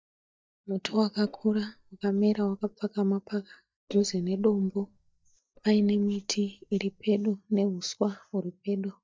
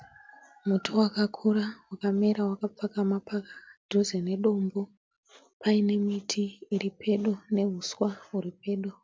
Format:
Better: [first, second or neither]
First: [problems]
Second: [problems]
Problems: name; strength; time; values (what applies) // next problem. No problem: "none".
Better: second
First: noise reduction (neural mask model DeepFilterNet 3)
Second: none